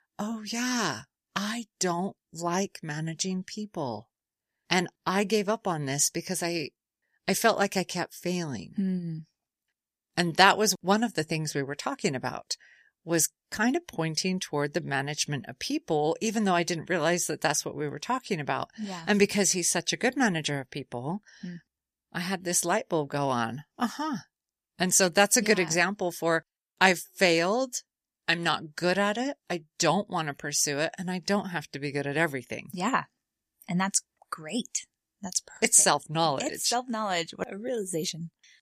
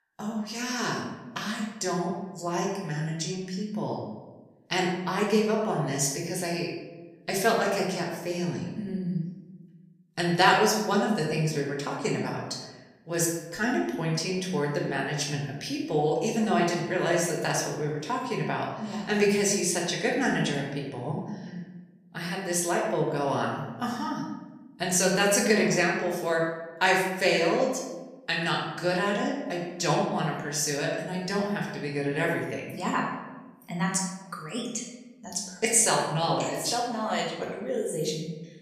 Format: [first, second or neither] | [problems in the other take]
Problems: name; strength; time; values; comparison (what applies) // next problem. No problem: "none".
first | room echo; noticeable; dies away in 0.9 s // off-mic speech; far